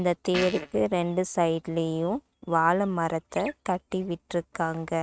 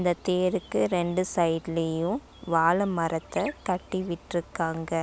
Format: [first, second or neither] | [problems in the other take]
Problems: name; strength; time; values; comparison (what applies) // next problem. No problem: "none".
second | noise reduction (neural mask model RNNoise)